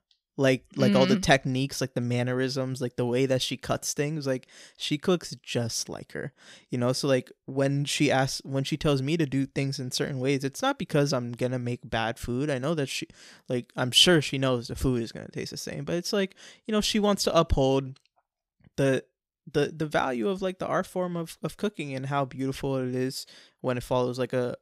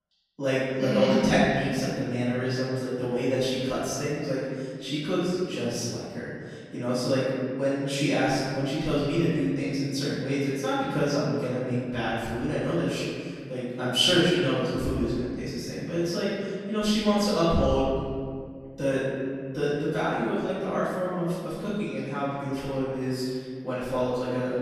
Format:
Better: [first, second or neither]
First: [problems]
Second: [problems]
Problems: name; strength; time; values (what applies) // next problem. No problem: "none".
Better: first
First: none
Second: off-mic speech; far // room echo; strong; dies away in 1.9 s